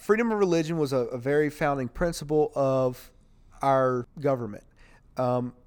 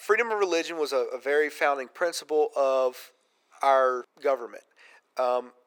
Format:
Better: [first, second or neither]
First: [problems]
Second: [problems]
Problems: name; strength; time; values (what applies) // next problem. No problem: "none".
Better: first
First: none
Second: thin; very; fading below 400 Hz